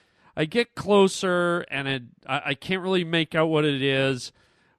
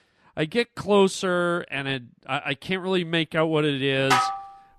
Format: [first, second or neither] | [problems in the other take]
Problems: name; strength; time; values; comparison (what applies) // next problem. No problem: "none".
first | clattering dishes; loud; at 4 s; peak 2 dB above the speech